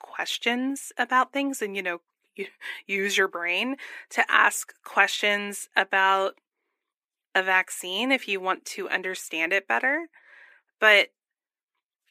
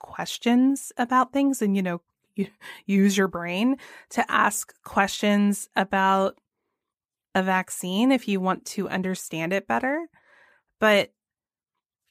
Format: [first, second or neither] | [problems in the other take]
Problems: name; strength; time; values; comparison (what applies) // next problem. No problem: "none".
second | thin; somewhat; fading below 300 Hz